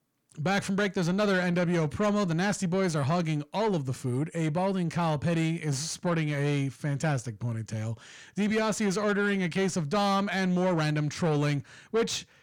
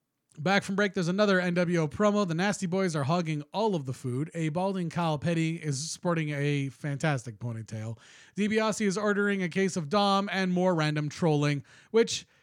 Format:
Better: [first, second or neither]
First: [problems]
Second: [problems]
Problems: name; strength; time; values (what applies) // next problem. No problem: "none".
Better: second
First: distortion; slight; 10 dB below the speech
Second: none